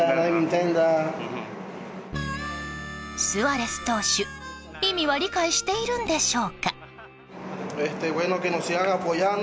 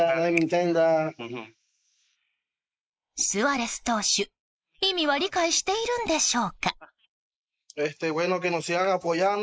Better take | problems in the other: first | noise reduction (neural mask model Resemble Enhance denoiser)

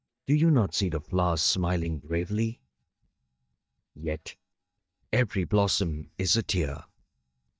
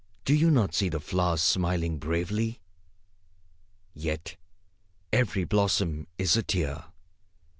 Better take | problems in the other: second | noise reduction (neural mask model DeepFilterNet 3)

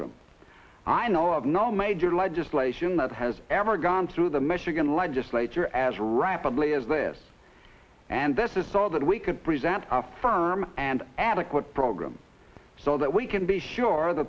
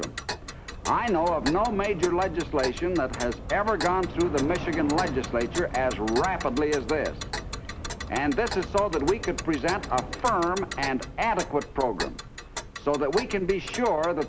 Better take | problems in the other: first | background sound (Tick + Subway, metro, underground / Train); 8 dB below the speech

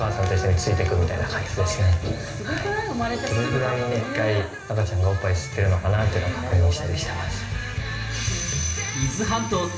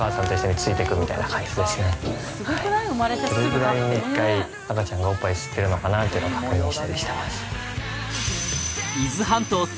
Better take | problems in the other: second | room echo; dies away in 1.3 s

